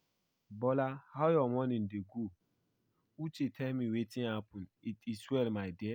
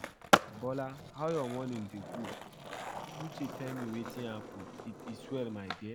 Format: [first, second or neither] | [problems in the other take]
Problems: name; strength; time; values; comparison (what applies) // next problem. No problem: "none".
first | background sound (Skateboard); 2 dB above the speech